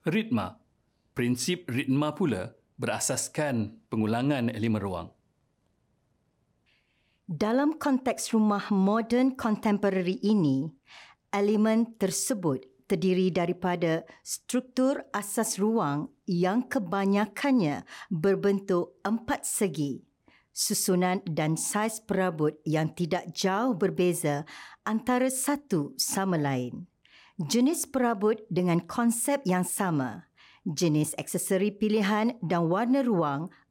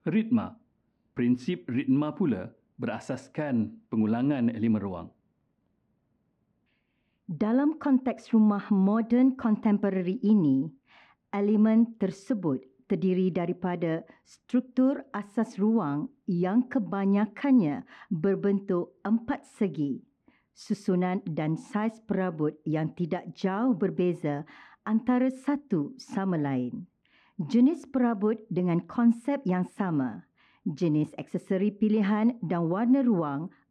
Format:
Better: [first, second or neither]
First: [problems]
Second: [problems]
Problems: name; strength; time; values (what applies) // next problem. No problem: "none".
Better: first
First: none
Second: muffled; very; fading above 2.5 kHz